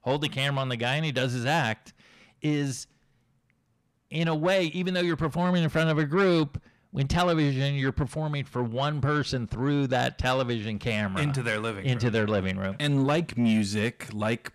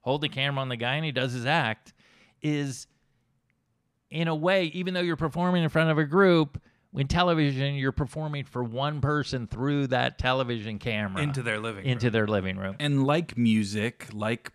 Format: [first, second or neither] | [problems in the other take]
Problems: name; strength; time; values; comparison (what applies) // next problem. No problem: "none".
second | distortion; slight; 10 dB below the speech